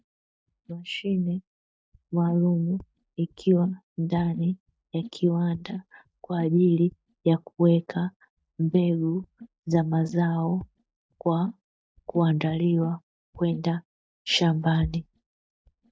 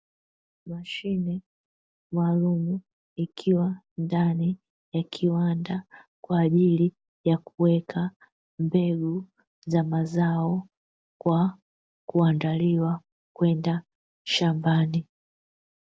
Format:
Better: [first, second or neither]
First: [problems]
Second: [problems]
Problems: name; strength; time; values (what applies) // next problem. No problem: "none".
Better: second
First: noise reduction (neural mask model DeepFilterNet 3)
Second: none